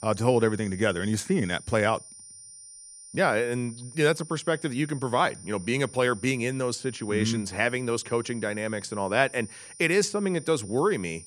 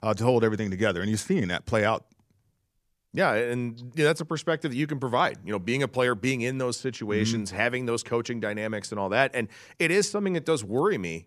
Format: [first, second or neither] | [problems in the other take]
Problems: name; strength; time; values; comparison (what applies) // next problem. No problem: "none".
second | high-pitched whine; noticeable; throughout; 9.5 kHz, 15 dB below the speech